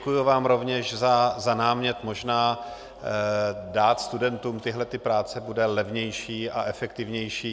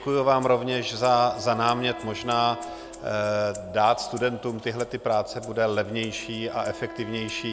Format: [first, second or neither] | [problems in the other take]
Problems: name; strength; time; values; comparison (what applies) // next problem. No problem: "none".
first | background sound (Rattle (instrument) + Wind instrument, woodwind instrument); 18 dB below the speech